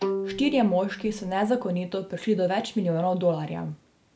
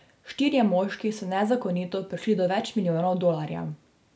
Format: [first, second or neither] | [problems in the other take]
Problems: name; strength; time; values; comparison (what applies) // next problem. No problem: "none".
second | background sound (Bowed string instrument); 11 dB below the speech